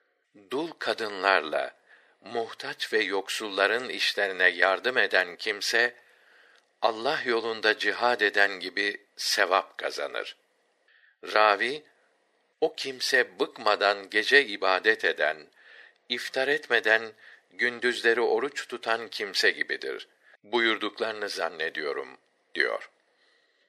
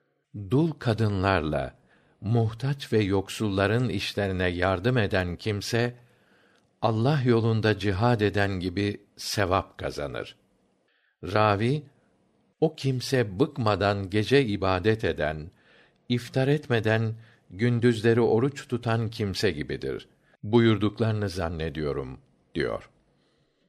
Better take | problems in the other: second | thin; very; fading below 450 Hz

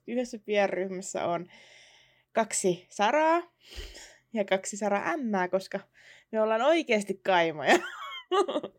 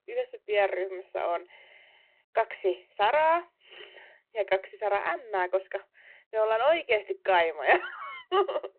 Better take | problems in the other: first | phone-call audio; nothing above 4 kHz

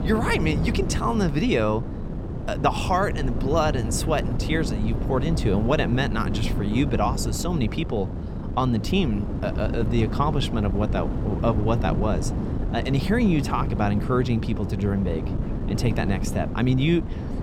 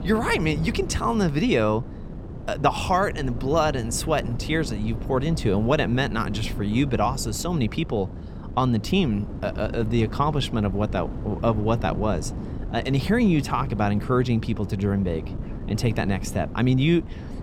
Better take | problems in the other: second | wind noise on the microphone; heavy; 9 dB below the speech; occasional gusts in the second

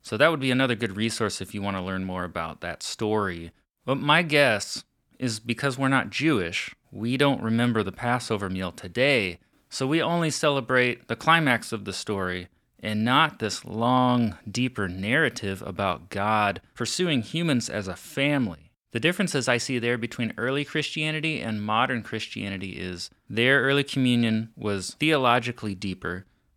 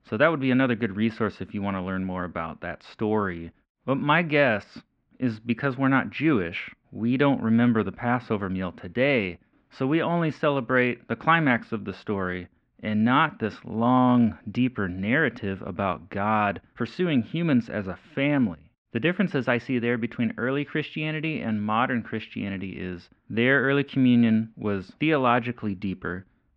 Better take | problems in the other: first | muffled; very; fading above 2.5 kHz

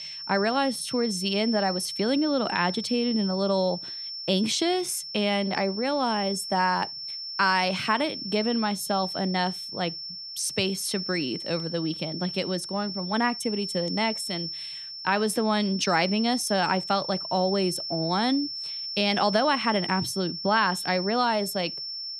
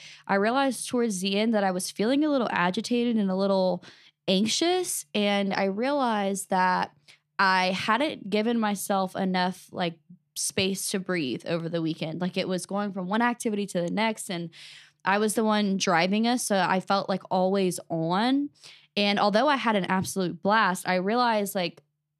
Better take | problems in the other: second | high-pitched whine; loud; throughout; 5.5 kHz, 6 dB below the speech

